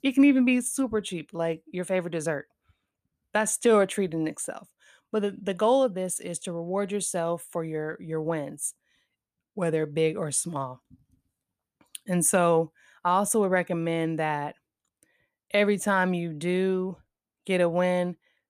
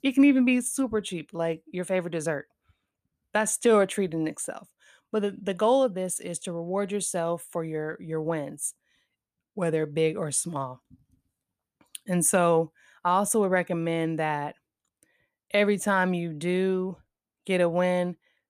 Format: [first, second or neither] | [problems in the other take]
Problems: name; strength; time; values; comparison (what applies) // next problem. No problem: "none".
neither | none